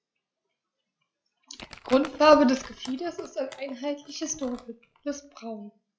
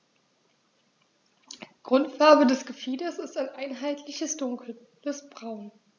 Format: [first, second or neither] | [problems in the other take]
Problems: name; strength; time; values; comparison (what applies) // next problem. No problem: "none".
second | noise reduction (classical method log-MMSE)